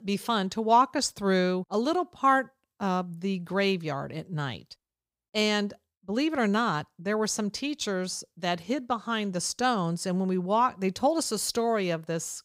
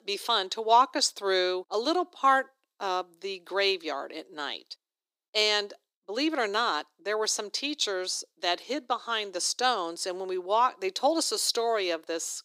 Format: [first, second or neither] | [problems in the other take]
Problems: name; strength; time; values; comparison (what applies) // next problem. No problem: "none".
first | thin; somewhat; fading below 300 Hz